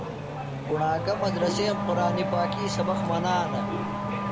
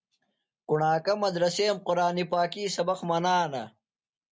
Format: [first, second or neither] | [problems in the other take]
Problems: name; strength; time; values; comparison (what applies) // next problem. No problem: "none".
second | background sound (Race car, auto racing / Accelerating, revving, vroom); as loud as the speech